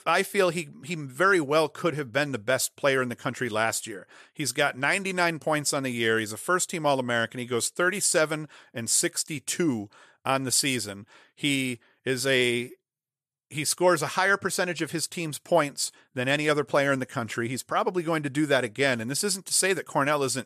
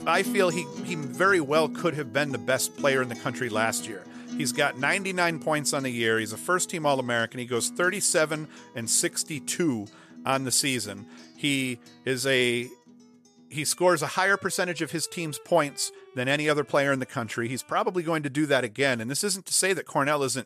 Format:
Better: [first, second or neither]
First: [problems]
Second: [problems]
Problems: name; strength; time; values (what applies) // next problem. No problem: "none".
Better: first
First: none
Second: background music; noticeable; throughout; 15 dB below the speech